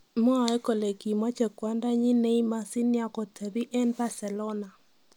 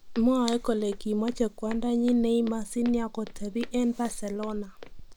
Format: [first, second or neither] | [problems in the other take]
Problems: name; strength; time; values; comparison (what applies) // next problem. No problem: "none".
first | background sound (Walk, footsteps); 11 dB below the speech